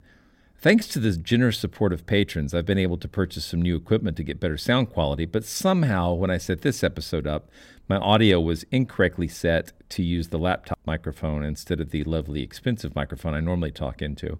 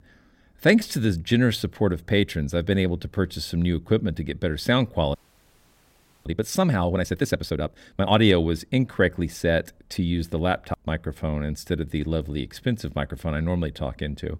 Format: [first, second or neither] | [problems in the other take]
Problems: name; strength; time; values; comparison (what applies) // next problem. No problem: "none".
first | audio freezing; at 5 s for 1 s